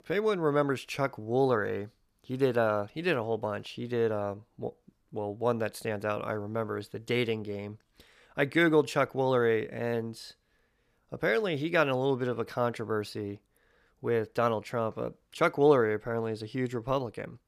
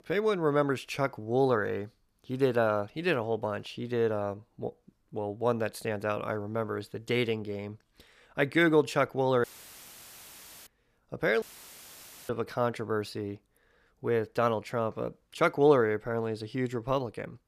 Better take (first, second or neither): first